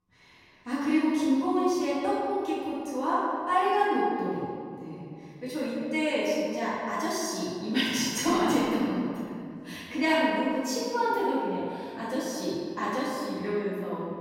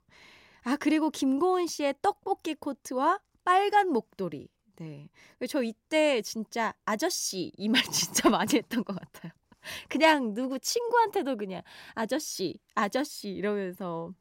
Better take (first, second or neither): second